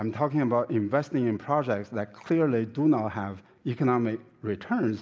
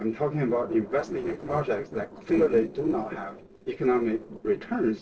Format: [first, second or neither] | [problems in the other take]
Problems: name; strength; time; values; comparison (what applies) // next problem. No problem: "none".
first | noise reduction (neural separator model SepFormer DNS4)